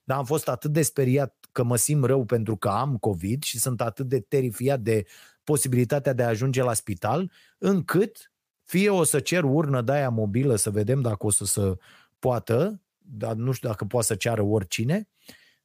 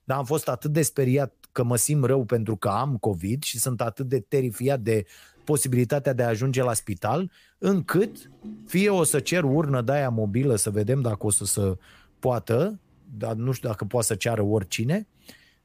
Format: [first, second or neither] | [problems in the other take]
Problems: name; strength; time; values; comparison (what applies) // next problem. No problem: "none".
first | rain or running water; faint; throughout; 25 dB below the speech